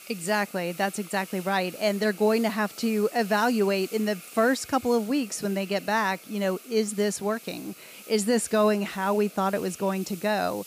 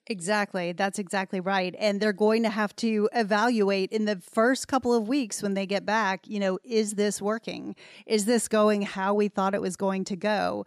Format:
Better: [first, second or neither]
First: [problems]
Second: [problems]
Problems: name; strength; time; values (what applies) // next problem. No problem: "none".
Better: second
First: hiss; noticeable; throughout; 15 dB below the speech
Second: none